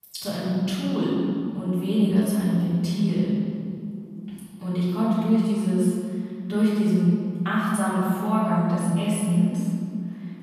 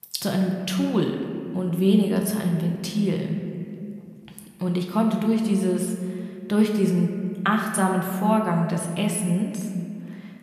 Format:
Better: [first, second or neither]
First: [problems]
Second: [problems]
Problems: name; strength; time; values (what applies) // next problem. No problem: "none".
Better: second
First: room echo; strong; dies away in 2.7 s // off-mic speech; far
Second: room echo; slight; dies away in 2 s